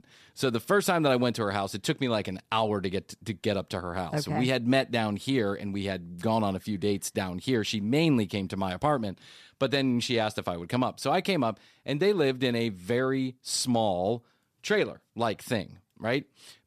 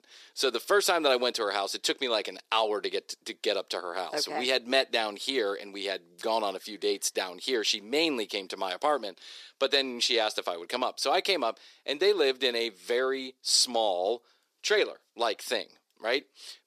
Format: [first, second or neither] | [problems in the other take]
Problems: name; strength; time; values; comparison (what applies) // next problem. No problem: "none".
first | thin; somewhat; fading below 400 Hz